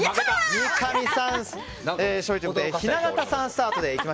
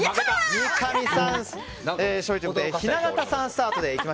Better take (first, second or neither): first